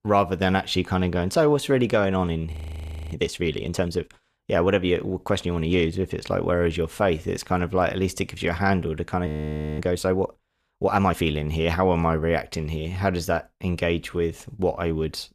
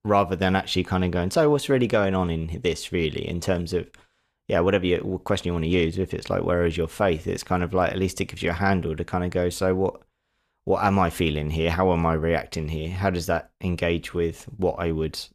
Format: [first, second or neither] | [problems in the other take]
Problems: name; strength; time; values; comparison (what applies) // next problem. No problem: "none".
second | audio freezing; at 2.5 s for 0.5 s and at 9.5 s for 0.5 s